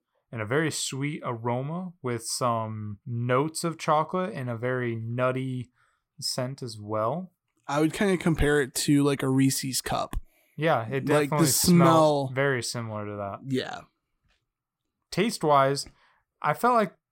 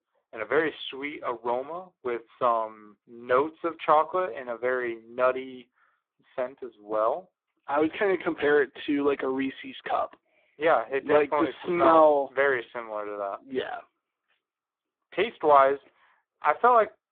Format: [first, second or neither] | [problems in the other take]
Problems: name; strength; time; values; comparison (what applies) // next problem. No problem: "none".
first | phone-call audio; poor line